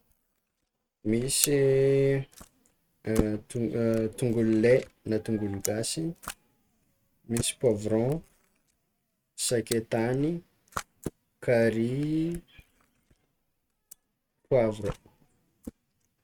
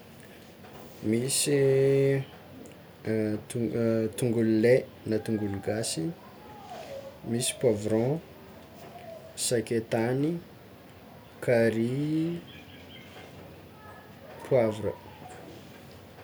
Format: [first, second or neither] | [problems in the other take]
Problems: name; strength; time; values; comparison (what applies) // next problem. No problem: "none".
second | noise reduction (neural mask model RNNoise)